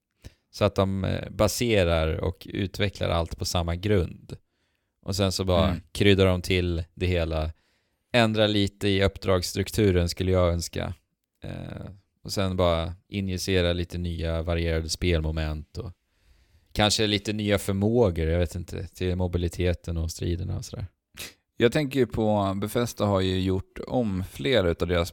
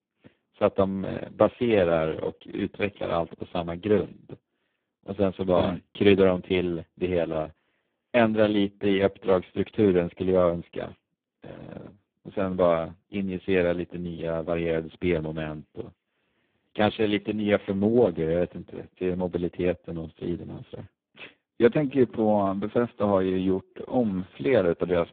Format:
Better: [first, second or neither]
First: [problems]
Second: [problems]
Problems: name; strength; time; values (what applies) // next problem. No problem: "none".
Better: first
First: none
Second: phone-call audio; poor line; nothing above 3.5 kHz